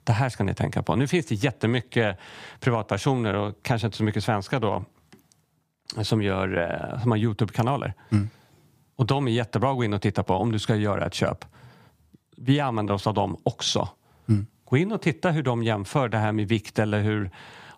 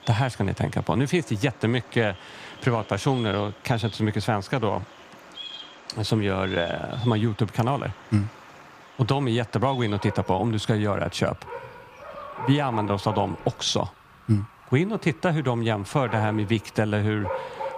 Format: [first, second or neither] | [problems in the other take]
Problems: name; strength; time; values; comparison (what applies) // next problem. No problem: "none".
first | animal sounds; noticeable; throughout; 15 dB below the speech